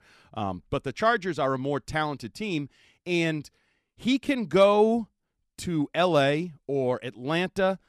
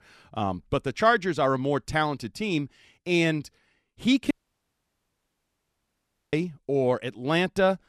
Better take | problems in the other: first | audio cutting out; at 4.5 s for 2 s

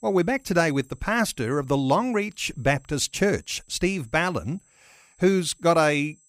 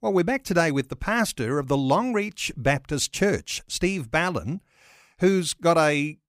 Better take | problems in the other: second | high-pitched whine; faint; throughout; 7.5 kHz, 35 dB below the speech

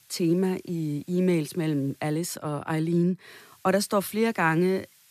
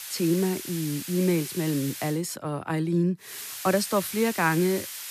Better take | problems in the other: first | hiss; loud; until 2 s and from 3.5 s on; 9 dB below the speech; faint in the first

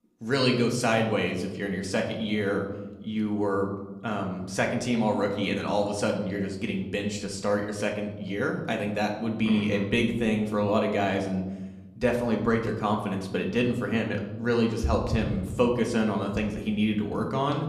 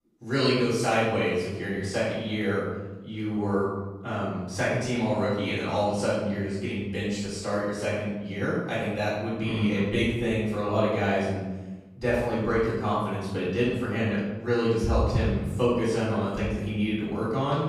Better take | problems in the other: first | room echo; strong; dies away in 1.1 s; slight in the first // off-mic speech; far; somewhat distant in the first

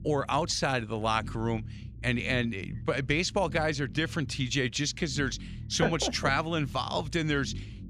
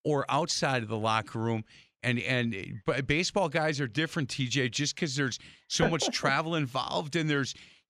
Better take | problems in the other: second | low rumble; faint; throughout; 25 dB below the speech

